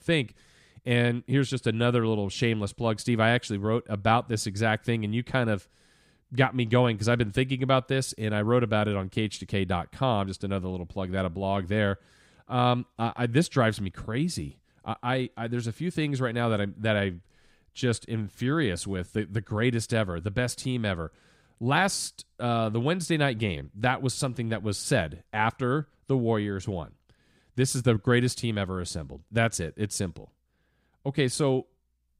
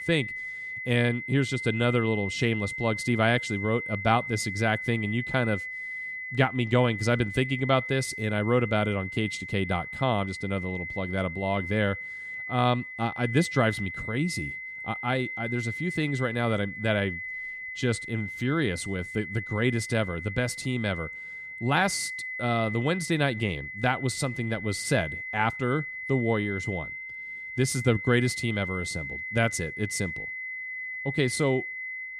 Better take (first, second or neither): first